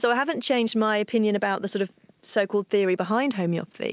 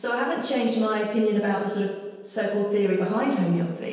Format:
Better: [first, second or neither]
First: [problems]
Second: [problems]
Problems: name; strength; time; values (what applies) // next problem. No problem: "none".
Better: first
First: none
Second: room echo; dies away in 1.2 s